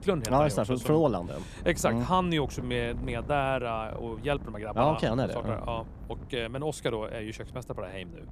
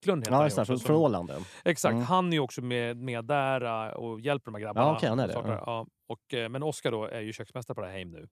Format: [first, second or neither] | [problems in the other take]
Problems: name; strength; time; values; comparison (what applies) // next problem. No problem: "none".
second | wind noise on the microphone; occasional gusts; 20 dB below the speech